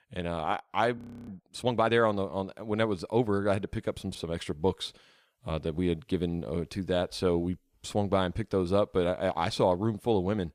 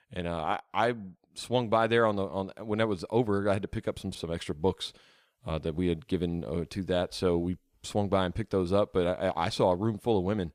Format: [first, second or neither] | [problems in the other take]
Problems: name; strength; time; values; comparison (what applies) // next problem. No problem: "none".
second | audio freezing; at 1 s